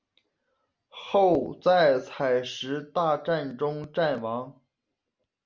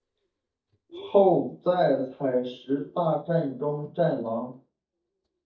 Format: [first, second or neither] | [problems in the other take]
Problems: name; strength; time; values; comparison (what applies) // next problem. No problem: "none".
first | noise reduction (neural mask model DeepFilterNet 3)